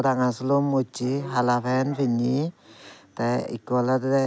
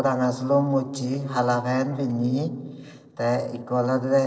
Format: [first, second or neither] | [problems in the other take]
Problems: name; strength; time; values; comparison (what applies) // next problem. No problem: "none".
first | noise reduction (neural separator model SepFormer DNS4)